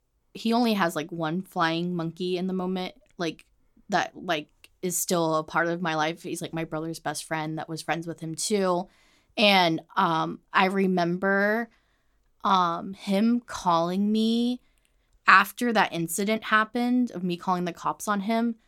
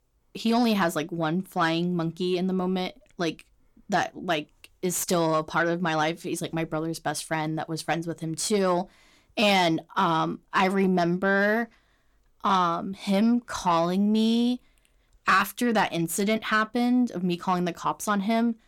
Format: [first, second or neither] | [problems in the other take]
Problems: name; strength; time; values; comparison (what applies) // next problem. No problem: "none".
first | distortion; slight; 10 dB below the speech